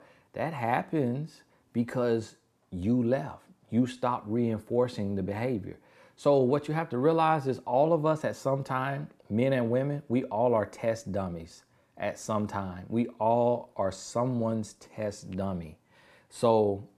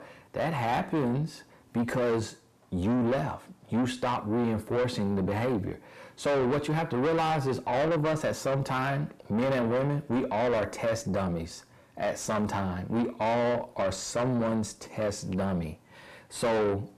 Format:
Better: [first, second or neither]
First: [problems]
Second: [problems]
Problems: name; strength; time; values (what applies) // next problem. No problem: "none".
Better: first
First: none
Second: distortion; heavy; 5 dB below the speech